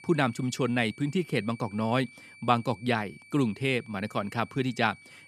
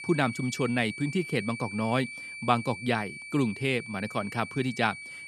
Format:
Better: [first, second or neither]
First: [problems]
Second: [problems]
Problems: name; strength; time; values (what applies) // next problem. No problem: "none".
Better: first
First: high-pitched whine; faint; throughout; 2.5 kHz, 20 dB below the speech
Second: high-pitched whine; loud; throughout; 2.5 kHz, 10 dB below the speech